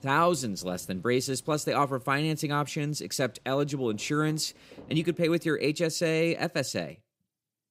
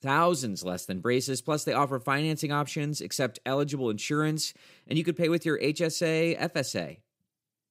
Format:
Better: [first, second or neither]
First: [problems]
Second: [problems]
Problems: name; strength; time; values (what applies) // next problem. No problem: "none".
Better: second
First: rain or running water; faint; until 6 s; 25 dB below the speech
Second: none